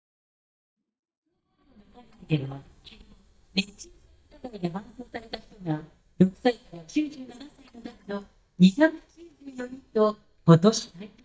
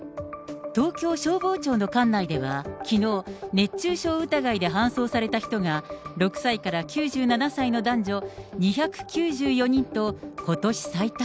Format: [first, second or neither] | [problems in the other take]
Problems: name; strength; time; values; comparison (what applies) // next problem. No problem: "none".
second | noise reduction (neural mask model DeepFilterNet 3)